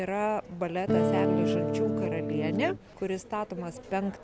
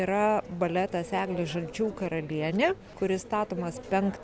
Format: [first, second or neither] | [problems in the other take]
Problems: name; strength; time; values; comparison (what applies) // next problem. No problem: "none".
second | background sound (Electric guitar / Strum); 5 dB above the speech